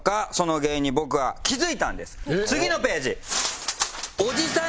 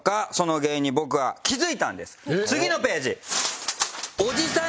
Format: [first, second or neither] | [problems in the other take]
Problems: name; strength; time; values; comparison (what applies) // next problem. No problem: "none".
second | background sound (Wind); 15 dB below the speech